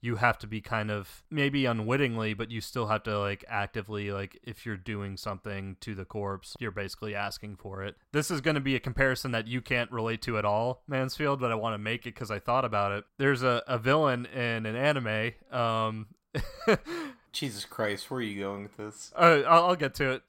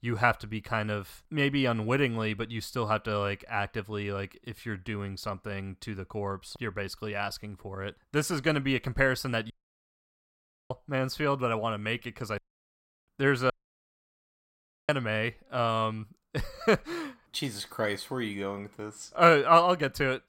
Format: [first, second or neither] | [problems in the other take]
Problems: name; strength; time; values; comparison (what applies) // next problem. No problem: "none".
first | audio cutting out; at 9.5 s for 1 s, at 12 s for 0.5 s and at 14 s for 1.5 s